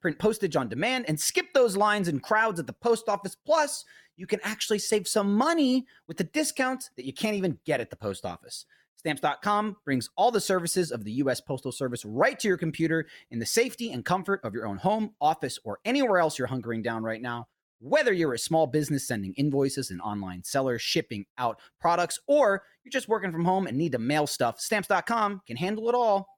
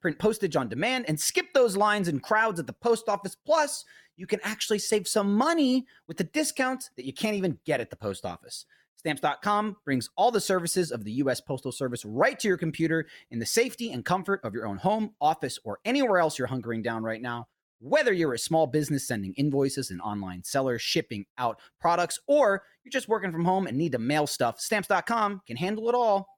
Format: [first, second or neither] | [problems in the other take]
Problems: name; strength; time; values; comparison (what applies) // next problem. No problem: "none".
neither | none